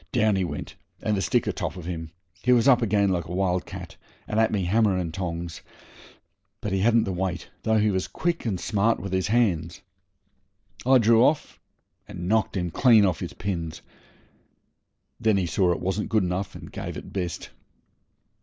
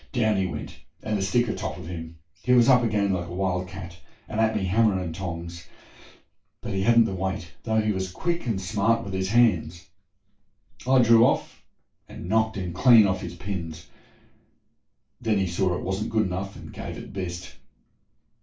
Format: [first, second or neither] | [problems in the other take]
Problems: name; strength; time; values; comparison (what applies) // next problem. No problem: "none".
first | room echo; dies away in 0.2 s